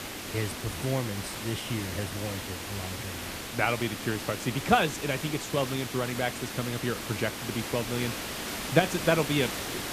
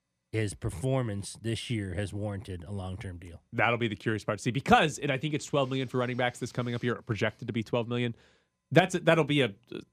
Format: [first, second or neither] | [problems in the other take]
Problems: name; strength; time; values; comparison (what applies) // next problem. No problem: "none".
second | hiss; loud; throughout; 5 dB below the speech